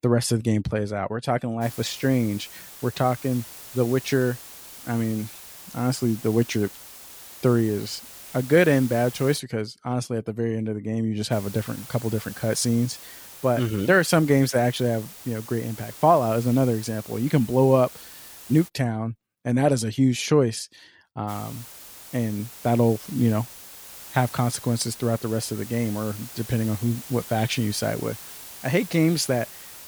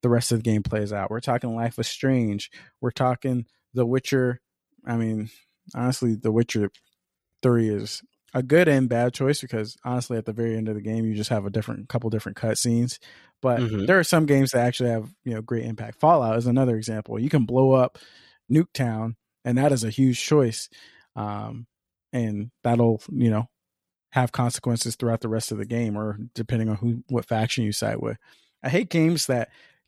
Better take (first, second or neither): second